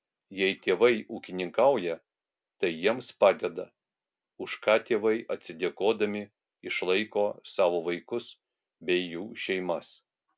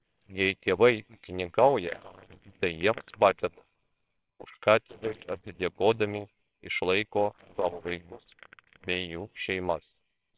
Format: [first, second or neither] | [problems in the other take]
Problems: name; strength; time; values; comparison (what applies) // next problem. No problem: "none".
first | noise reduction (neural separator model SepFormer WHAMR!)